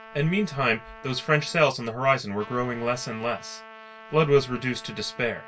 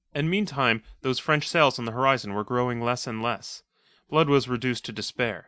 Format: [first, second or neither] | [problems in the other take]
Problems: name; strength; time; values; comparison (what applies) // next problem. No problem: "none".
second | background sound (Trumpet); 19 dB below the speech // room echo; dies away in 0.1 s